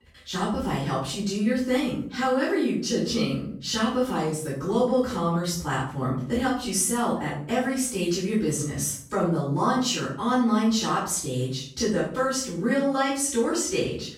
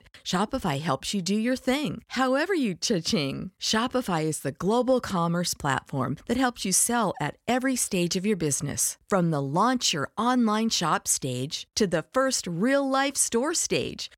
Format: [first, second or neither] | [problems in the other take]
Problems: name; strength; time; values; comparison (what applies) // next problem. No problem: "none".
second | off-mic speech; far // room echo; noticeable; dies away in 0.5 s